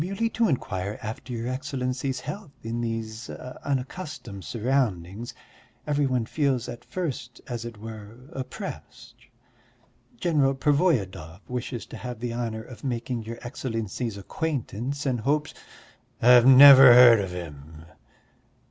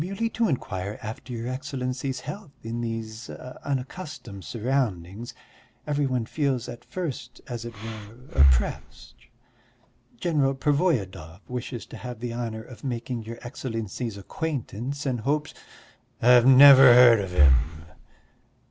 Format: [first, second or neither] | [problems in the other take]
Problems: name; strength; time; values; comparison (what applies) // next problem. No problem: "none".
first | background sound (Breathing); 1 dB above the speech